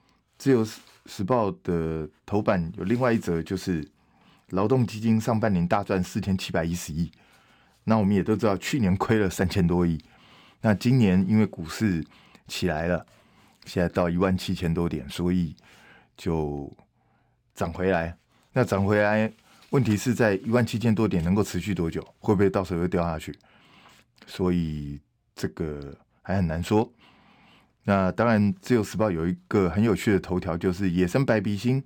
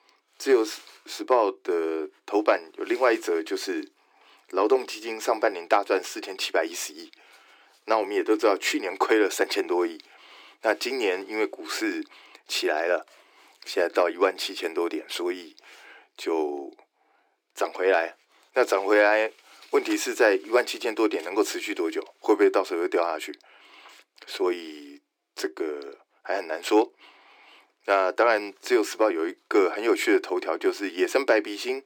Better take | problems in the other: first | thin; very; fading below 300 Hz

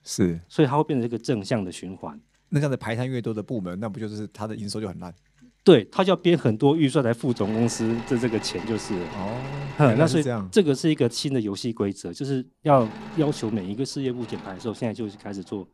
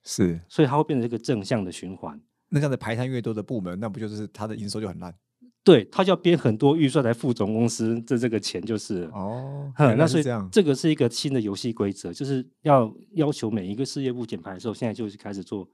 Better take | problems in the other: second | machinery noise; noticeable; throughout; 15 dB below the speech

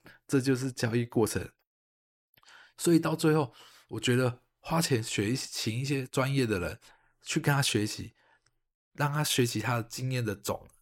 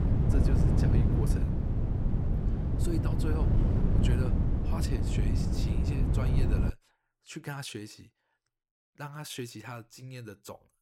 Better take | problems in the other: first | wind noise on the microphone; heavy; until 6.5 s; 3 dB above the speech

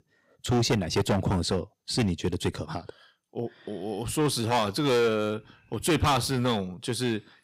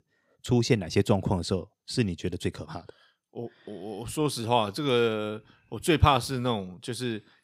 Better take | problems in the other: second | distortion; heavy; 8% of the sound clipped

